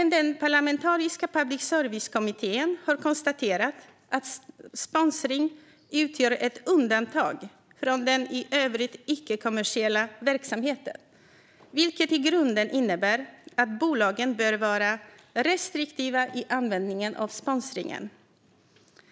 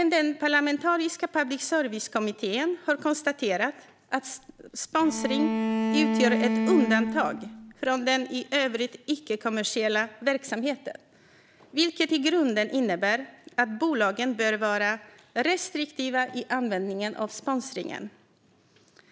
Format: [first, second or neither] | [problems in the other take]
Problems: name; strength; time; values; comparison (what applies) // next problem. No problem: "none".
first | background sound (Bowed string instrument); 1 dB below the speech